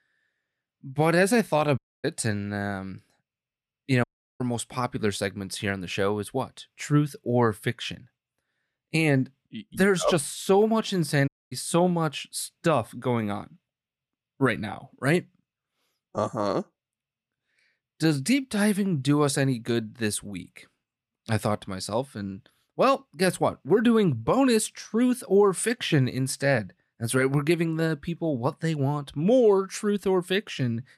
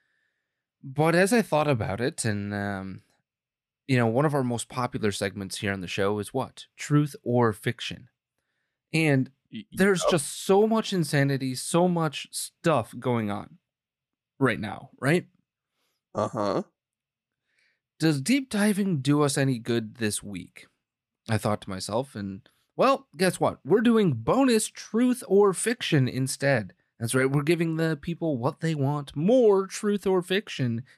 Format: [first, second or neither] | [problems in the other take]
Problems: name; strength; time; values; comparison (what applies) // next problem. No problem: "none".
second | audio cutting out; at 2 s, at 4 s and at 11 s